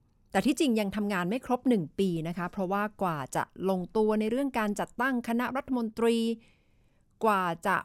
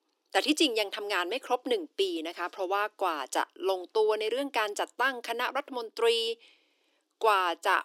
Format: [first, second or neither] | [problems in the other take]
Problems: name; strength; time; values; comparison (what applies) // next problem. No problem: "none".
first | thin; very; fading below 300 Hz